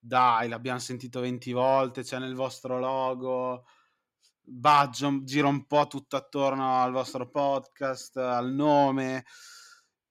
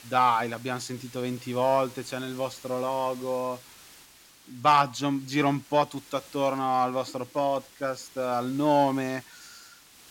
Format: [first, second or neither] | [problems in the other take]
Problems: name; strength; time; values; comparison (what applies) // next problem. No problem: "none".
first | hiss; faint; throughout; 20 dB below the speech